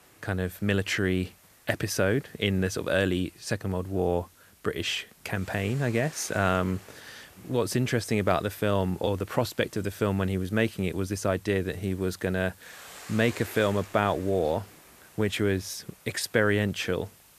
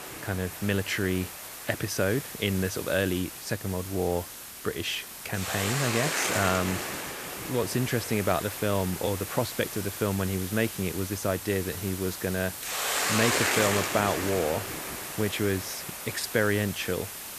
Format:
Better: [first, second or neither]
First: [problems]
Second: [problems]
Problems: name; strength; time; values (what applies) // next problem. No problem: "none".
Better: first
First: hiss; faint; throughout; 20 dB below the speech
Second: hiss; loud; throughout; 3 dB below the speech